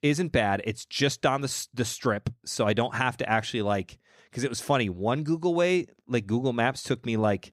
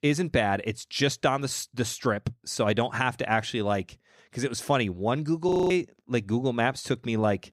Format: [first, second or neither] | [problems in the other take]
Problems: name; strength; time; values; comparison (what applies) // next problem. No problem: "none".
first | audio freezing; at 5.5 s